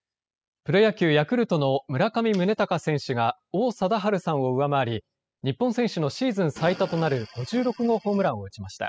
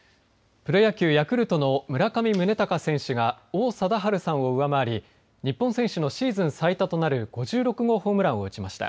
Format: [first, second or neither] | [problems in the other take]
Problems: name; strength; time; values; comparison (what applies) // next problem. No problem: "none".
second | noise reduction (classical method spectral subtraction)